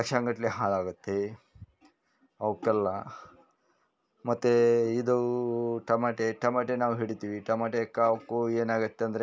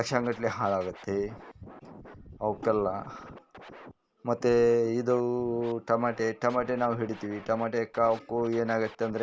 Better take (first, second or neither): first